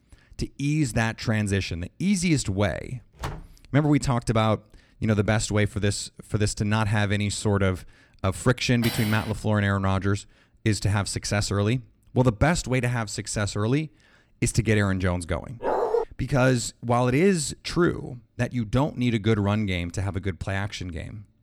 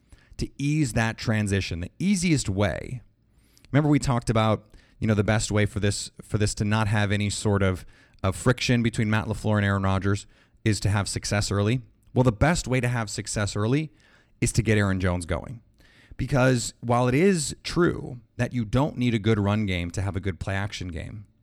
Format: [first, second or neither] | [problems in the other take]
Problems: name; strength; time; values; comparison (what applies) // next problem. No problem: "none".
second | door banging; faint; at 3 s; peak 10 dB below the speech // clattering dishes; noticeable; at 9 s; peak 6 dB below the speech // dog barking; loud; at 16 s; peak 1 dB above the speech